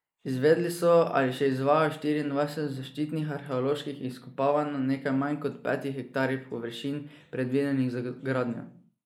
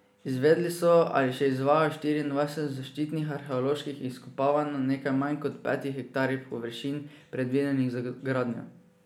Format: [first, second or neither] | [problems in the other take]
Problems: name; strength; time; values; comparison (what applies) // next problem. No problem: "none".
second | noise reduction (neural mask model Resemble Enhance denoiser)